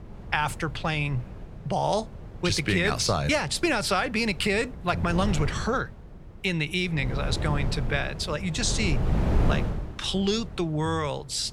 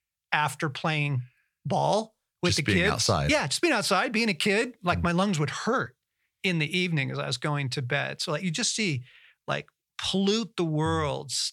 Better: second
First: wind noise on the microphone; occasional gusts; 15 dB below the speech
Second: none

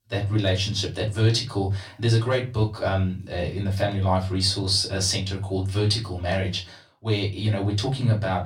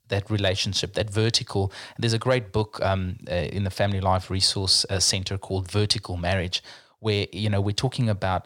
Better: second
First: off-mic speech; far // room echo; very slight; dies away in 0.2 s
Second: none

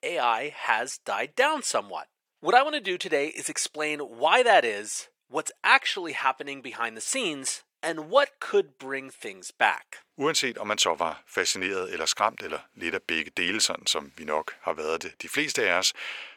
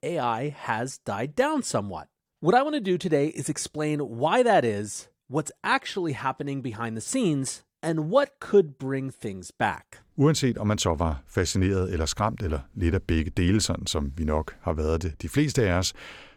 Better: second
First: thin; very; fading below 550 Hz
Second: none

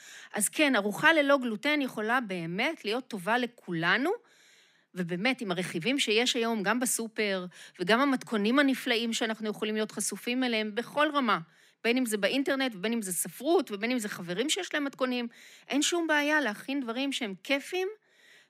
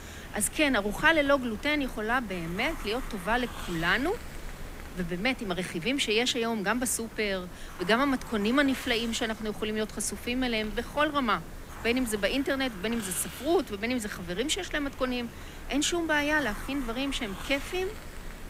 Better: first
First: none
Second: hiss; noticeable; throughout; 15 dB below the speech

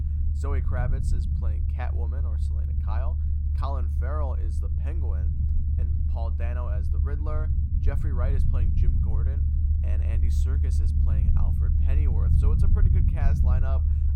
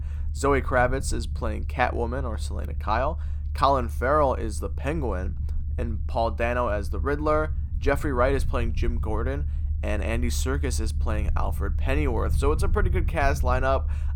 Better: second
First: low rumble; loud; throughout; 1 dB below the speech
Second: low rumble; faint; throughout; 20 dB below the speech

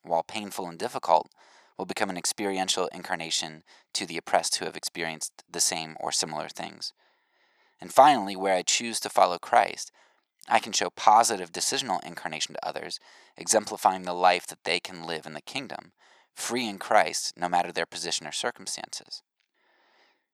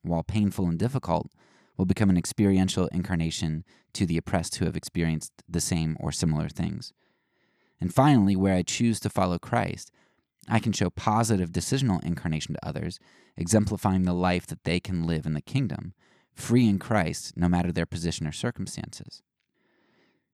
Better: second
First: thin; very; fading below 650 Hz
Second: none

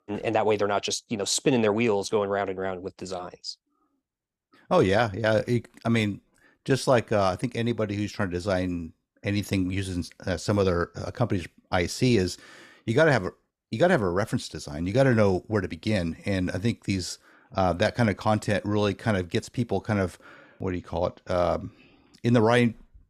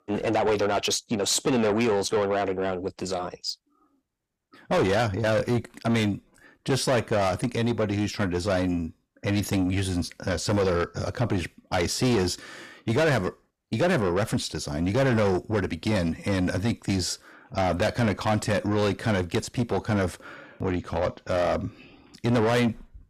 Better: first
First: none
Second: distortion; heavy; 7 dB below the speech

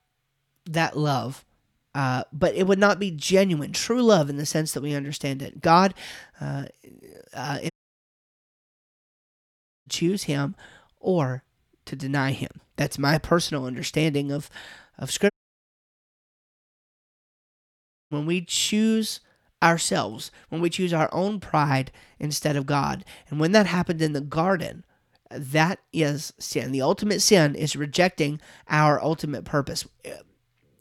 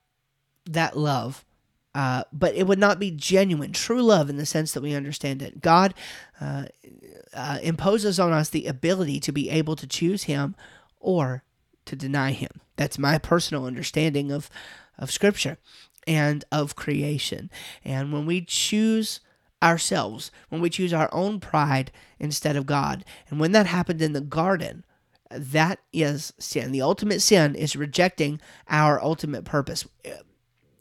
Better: second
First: audio cutting out; at 7.5 s for 2 s and at 15 s for 3 s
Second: none

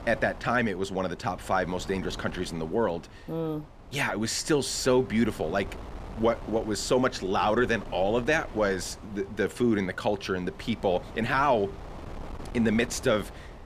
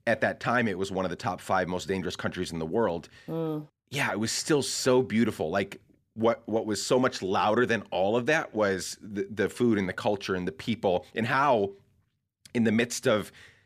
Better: second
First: wind noise on the microphone; occasional gusts; 20 dB below the speech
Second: none

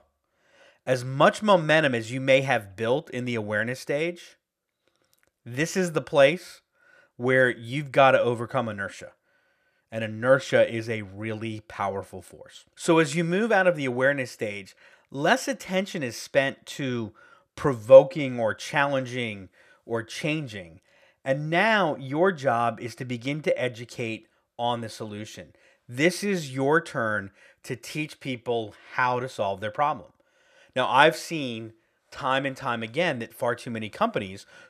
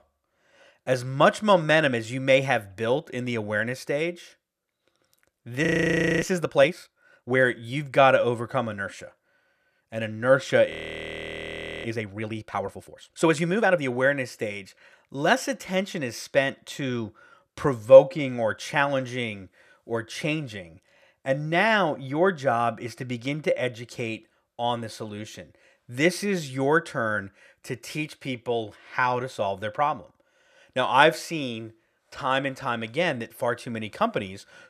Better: first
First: none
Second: audio freezing; at 5.5 s for 0.5 s and at 11 s for 1 s

